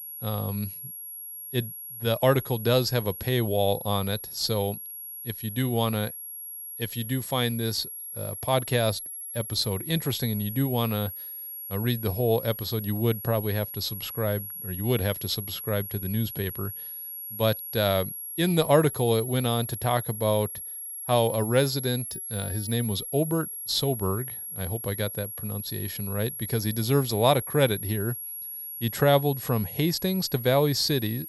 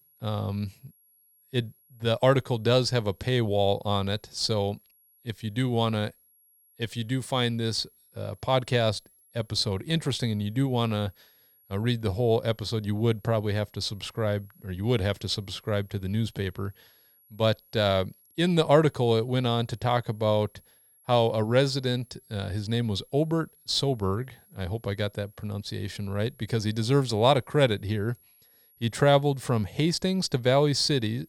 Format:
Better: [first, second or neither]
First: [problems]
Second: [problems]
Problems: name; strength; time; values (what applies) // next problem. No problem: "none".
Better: second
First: high-pitched whine; loud; throughout; 11.5 kHz, 8 dB below the speech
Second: high-pitched whine; faint; throughout; 11.5 kHz, 30 dB below the speech